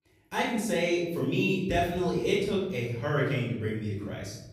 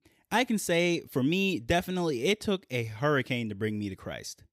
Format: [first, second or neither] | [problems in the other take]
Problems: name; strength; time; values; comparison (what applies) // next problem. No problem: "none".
second | off-mic speech; far // room echo; noticeable; dies away in 1.1 s